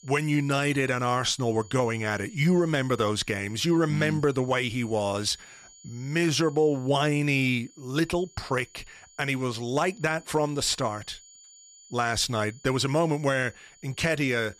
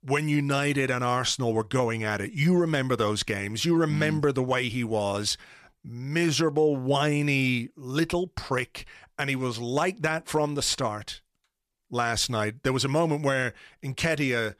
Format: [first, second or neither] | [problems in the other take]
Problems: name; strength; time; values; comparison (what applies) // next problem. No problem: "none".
second | high-pitched whine; faint; throughout; 7 kHz, 25 dB below the speech